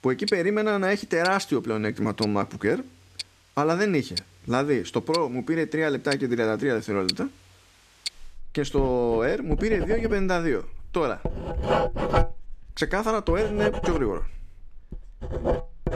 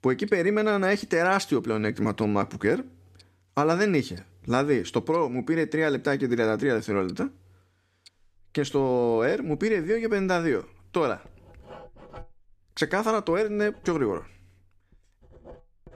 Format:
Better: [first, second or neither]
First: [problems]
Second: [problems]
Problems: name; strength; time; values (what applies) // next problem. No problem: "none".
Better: second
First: household noises; loud; throughout; 6 dB below the speech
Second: household noises; faint; throughout; 25 dB below the speech